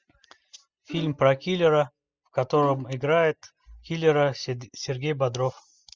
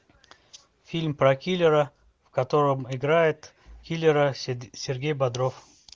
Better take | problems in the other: second | noise reduction (classical method spectral subtraction)

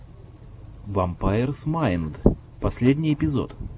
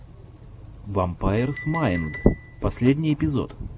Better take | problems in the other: first | background sound (Chink, clink); 18 dB below the speech

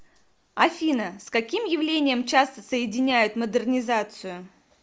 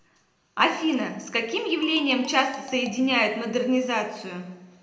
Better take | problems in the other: first | background sound (Marimba, xylophone); 20 dB below the speech // room echo; dies away in 0.7 s

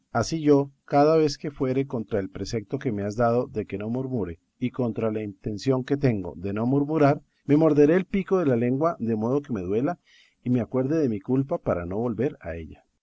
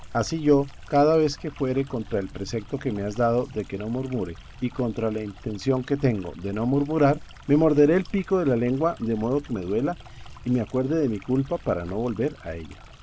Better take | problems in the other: first | background sound (Stream); 18 dB below the speech

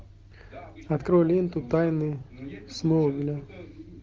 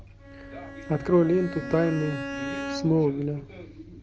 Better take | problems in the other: first | background sound (Bowed string instrument); 11 dB below the speech

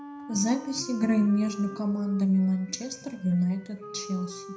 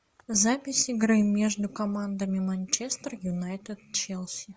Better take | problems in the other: second | background sound (Wind instrument, woodwind instrument); 16 dB below the speech // room echo; dies away in 0.5 s

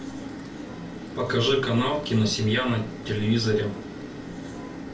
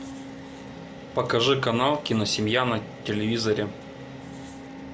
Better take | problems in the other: second | background sound (Engine); 13 dB below the speech // room echo; dies away in 0.2 s

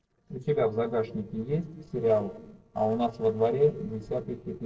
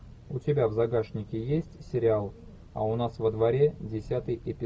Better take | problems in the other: second | noise reduction (neural separator model SepFormer DNS4)

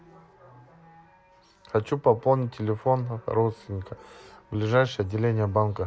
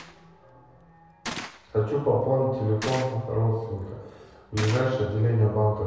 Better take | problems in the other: first | background sound (Gunshot, gunfire); 15 dB below the speech // room echo; dies away in 1.2 s

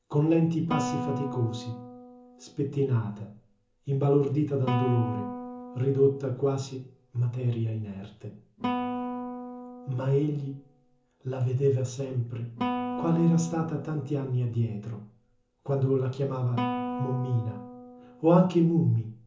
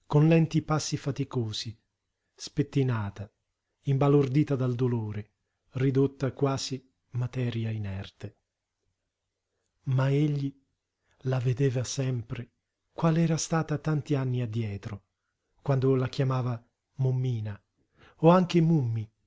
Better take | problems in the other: second | background sound (Guitar); 9 dB below the speech // room echo; dies away in 0.8 s

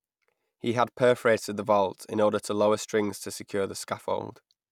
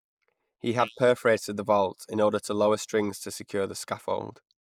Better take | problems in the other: first | noise reduction (neural mask model Resemble Enhance denoiser)

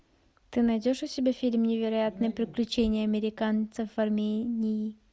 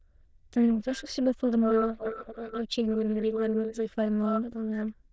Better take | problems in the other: first | noise reduction (neural diffusion model UNIVERSE++)

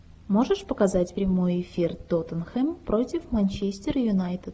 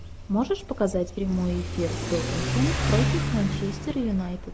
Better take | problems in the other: first | background sound (Accelerating, revving, vroom / Car); 1 dB below the speech

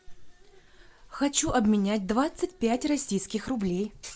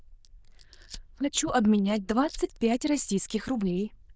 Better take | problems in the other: first | noise reduction (neural diffusion model UNIVERSE++)

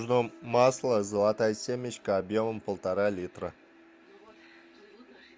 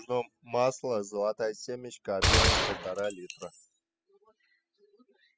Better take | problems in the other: first | noise reduction (classical method spectral subtraction)

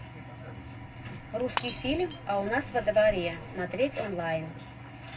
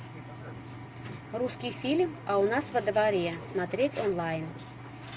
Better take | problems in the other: second | background sound (Shatter / Crushing); 12 dB below the speech // room echo; dies away in 0.3 s

